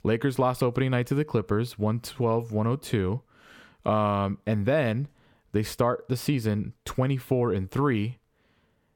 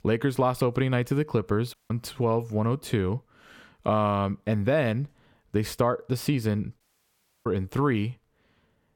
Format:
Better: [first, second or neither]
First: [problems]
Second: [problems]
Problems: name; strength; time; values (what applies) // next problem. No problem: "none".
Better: first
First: none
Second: audio cutting out; at 1.5 s and at 7 s for 0.5 s